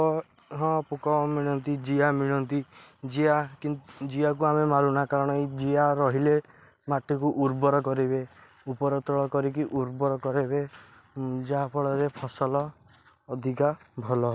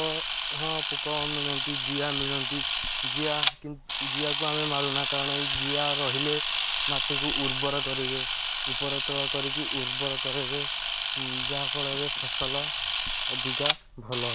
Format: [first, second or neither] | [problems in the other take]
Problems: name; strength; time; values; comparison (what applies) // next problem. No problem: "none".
first | background sound (Camera); 5 dB above the speech